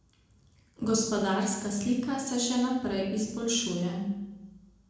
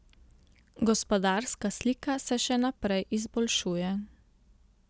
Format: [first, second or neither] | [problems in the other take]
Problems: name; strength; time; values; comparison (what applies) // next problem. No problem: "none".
second | room echo; dies away in 0.9 s